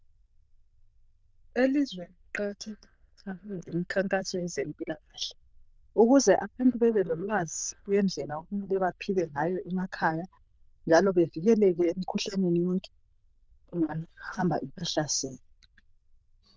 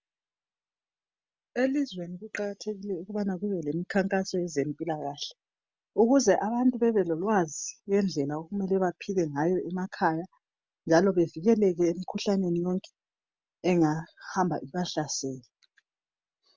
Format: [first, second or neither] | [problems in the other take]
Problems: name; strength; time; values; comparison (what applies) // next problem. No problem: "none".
second | noise reduction (neural diffusion model UNIVERSE++)